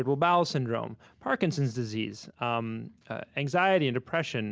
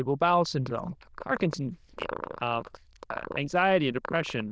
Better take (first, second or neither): first